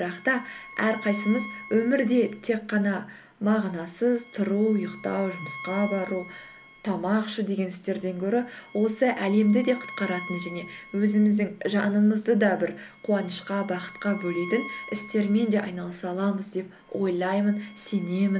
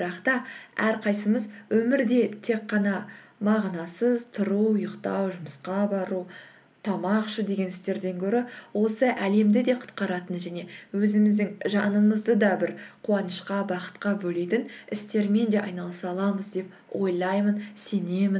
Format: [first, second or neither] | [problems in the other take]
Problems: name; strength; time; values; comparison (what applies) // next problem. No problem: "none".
second | background sound (Bowed string instrument); 18 dB below the speech